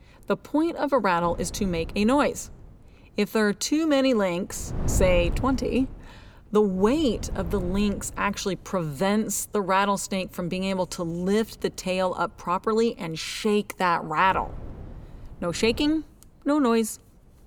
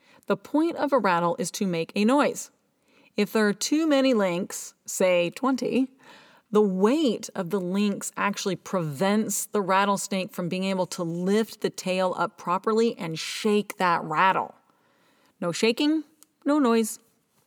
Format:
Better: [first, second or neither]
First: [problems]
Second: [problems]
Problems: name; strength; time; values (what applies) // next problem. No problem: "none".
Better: second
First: wind noise on the microphone; occasional gusts; 20 dB below the speech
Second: none